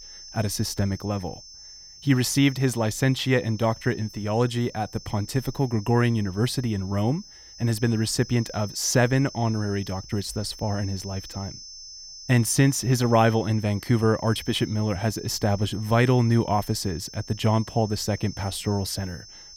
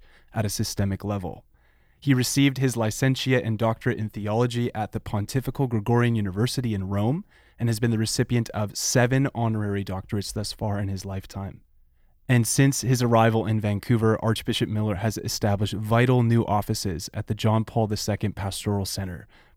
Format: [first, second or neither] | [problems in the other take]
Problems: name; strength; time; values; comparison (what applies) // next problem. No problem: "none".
second | high-pitched whine; noticeable; throughout; 5.5 kHz, 15 dB below the speech